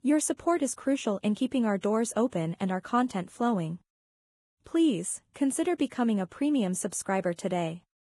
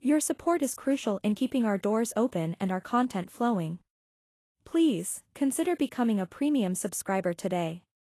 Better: second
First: garbled, watery; badly; nothing above 10.5 kHz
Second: garbled, watery; slightly; nothing above 12.5 kHz

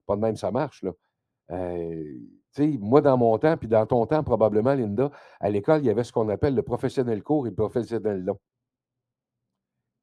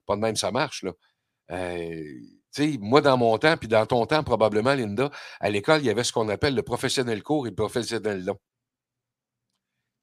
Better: second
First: muffled; very; fading above 1.5 kHz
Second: none

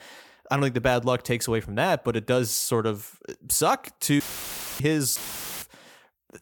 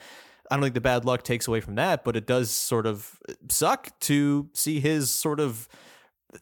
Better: second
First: audio cutting out; filled with static; at 4 s for 0.5 s and at 5 s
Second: none

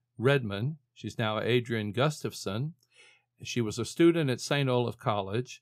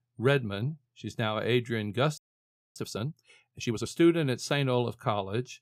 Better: first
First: none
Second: audio freezing; at 2 s for 0.5 s

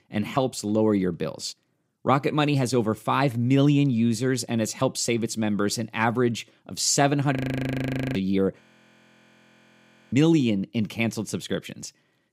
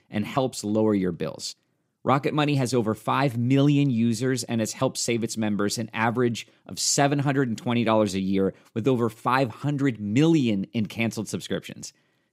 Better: second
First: audio freezing; at 7.5 s for 1 s and at 8.5 s for 1.5 s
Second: none

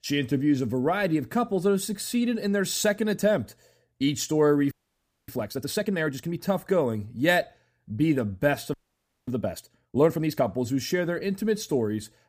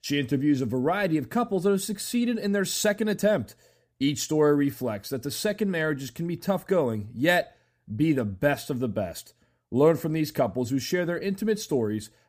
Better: second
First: audio freezing; at 4.5 s for 0.5 s and at 8.5 s for 0.5 s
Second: none

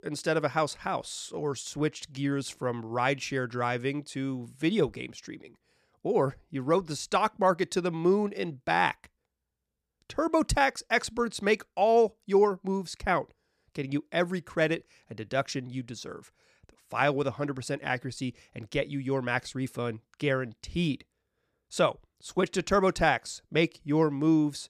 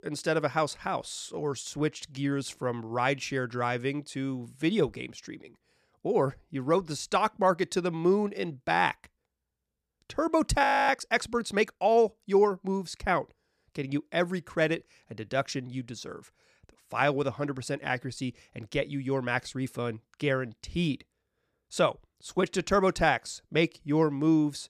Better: first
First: none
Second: audio freezing; at 11 s

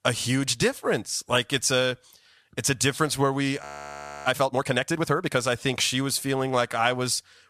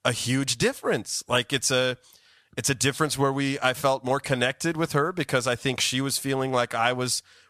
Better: second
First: audio freezing; at 3.5 s for 0.5 s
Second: none

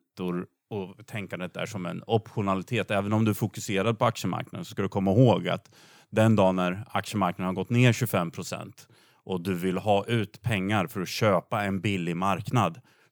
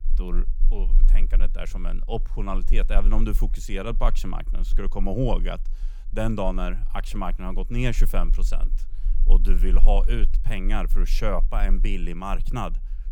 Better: first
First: none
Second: low rumble; faint; throughout; 25 dB below the speech

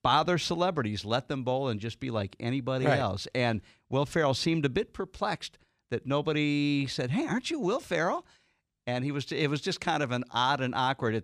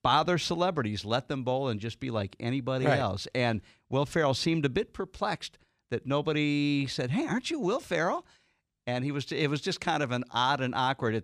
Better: neither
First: none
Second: none

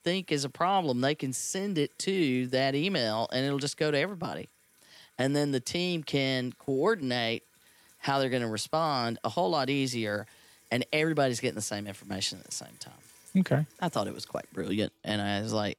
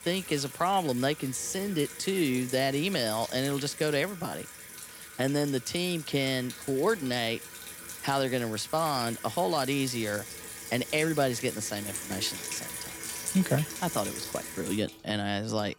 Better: first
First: household noises; faint; throughout; 30 dB below the speech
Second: household noises; loud; throughout; 9 dB below the speech

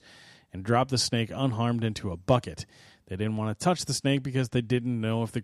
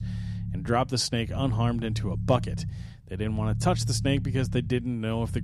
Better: first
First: none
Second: low rumble; noticeable; throughout; 15 dB below the speech

